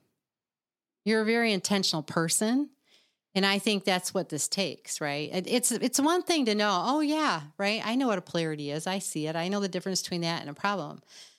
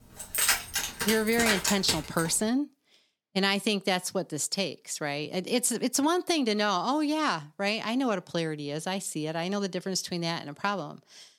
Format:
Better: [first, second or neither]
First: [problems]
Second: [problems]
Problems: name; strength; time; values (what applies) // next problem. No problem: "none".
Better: first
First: none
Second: jangling keys; loud; until 2.5 s; peak 4 dB above the speech